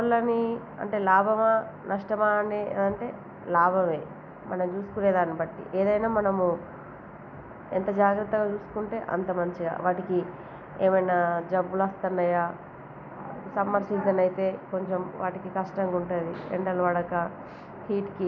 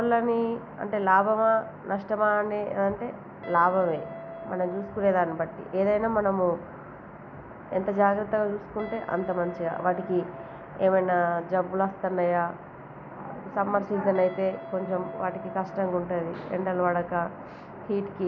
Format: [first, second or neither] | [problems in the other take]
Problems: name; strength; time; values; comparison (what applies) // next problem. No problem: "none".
first | background sound (Guitar); 19 dB below the speech